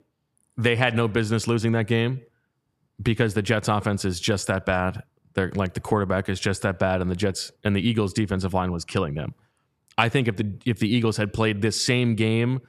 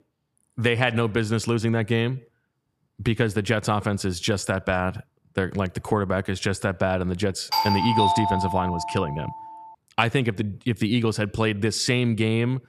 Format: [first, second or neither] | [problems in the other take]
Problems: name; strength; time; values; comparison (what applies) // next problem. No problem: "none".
first | doorbell; loud; from 7.5 to 9.5 s; peak 3 dB above the speech